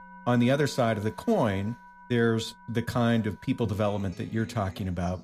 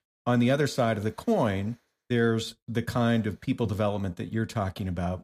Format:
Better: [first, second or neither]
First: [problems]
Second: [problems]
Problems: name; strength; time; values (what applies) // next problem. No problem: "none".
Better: second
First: background music; faint; throughout; 20 dB below the speech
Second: none